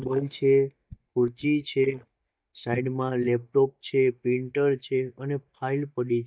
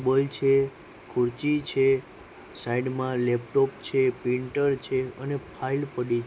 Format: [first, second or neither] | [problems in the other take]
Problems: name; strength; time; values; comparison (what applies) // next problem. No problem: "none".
second | noise reduction (neural mask model DeepFilterNet 3)